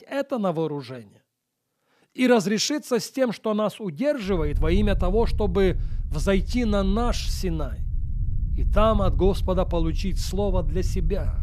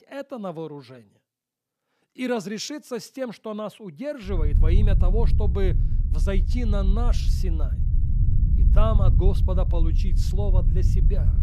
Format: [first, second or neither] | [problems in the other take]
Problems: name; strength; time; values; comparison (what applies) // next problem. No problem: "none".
first | low rumble; loud; from 4.5 s on; 8 dB below the speech; faint in the first